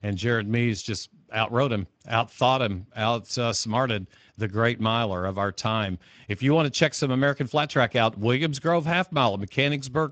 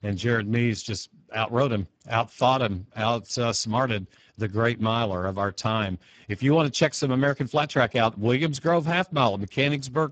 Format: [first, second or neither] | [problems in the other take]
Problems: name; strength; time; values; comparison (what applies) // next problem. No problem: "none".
first | garbled, watery; badly; nothing above 7.5 kHz; slightly in the first